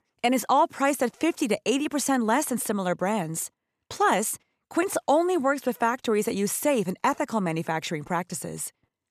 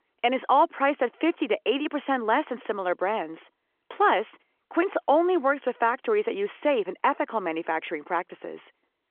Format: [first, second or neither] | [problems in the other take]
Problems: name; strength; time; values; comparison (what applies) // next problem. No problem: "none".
first | phone-call audio